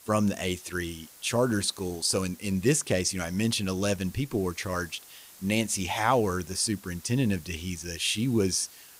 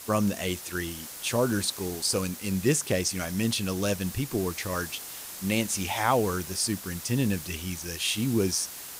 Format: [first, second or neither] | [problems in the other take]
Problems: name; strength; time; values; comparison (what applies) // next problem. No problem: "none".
first | hiss; loud; throughout; 10 dB below the speech; faint in the first